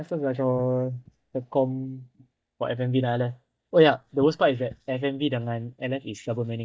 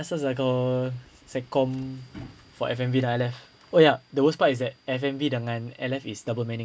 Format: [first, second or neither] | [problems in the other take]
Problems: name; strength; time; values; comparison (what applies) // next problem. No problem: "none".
second | noise reduction (neural mask model DeepFilterNet 3)